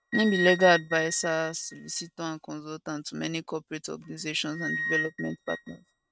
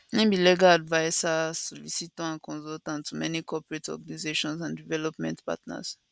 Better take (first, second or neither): second